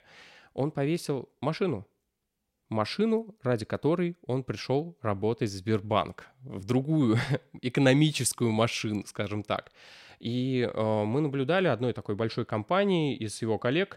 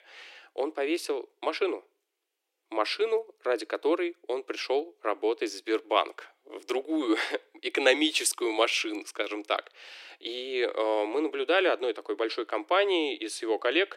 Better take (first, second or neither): first